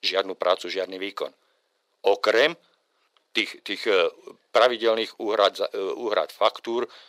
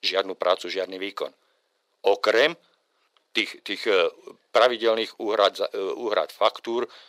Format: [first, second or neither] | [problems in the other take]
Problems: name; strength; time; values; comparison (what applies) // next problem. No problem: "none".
neither | thin; very; fading below 450 Hz; the same in both